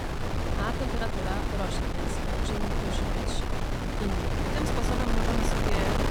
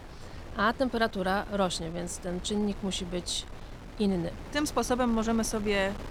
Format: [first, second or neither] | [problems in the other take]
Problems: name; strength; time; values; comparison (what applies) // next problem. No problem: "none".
second | wind noise on the microphone; heavy; 5 dB above the speech; occasional gusts in the second